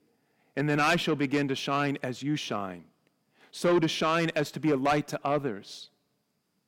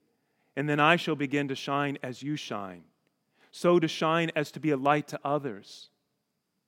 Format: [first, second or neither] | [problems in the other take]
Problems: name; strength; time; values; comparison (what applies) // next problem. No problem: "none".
second | distortion; heavy; 8 dB below the speech